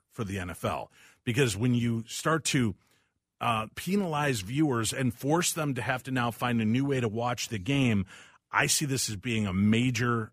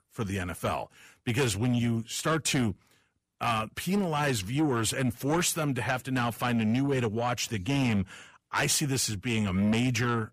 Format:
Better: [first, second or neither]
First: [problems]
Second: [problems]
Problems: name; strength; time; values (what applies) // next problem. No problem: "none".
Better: first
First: none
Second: distortion; slight; 10 dB below the speech